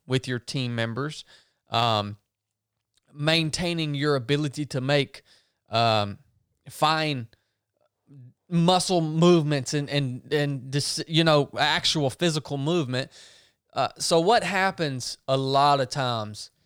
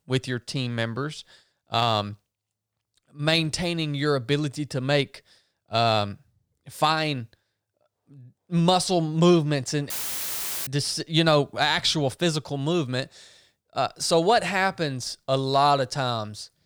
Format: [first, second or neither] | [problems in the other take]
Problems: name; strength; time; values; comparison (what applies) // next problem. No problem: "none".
first | audio cutting out; filled with static; at 10 s for 1 s